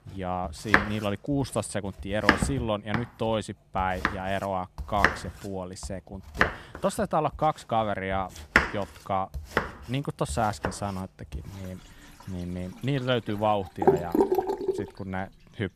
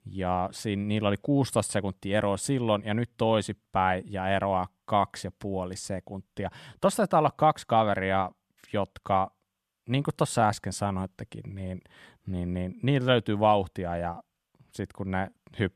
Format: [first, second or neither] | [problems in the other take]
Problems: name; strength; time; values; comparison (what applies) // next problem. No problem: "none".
second | household noises; very loud; throughout; 4 dB above the speech